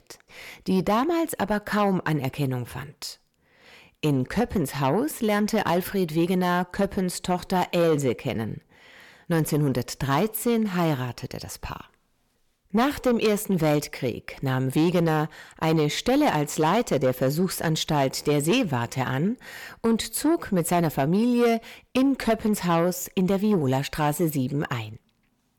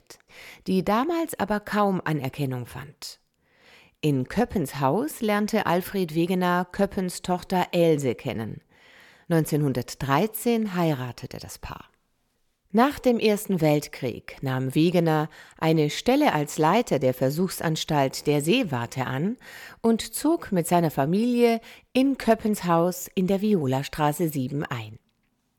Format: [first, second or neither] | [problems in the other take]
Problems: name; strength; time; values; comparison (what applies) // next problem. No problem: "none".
second | distortion; slight; 10 dB below the speech